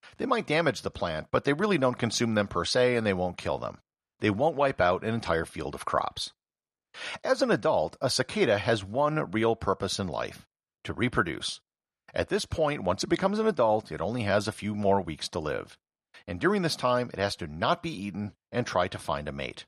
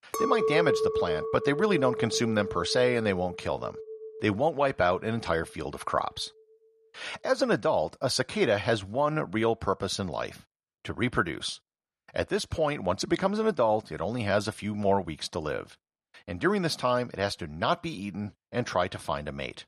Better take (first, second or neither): first